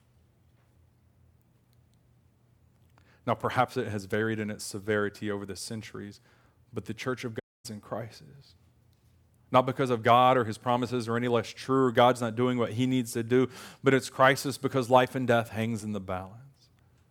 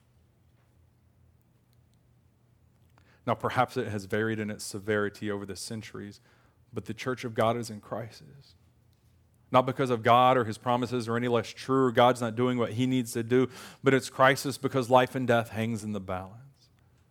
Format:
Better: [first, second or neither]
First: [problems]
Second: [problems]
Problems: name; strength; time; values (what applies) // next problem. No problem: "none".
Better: second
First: audio cutting out; at 7.5 s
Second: none